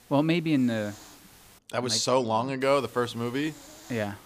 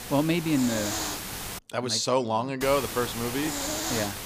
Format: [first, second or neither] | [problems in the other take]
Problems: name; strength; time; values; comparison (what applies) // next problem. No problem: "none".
first | hiss; loud; until 1.5 s and from 2.5 s on; 4 dB below the speech; faint in the first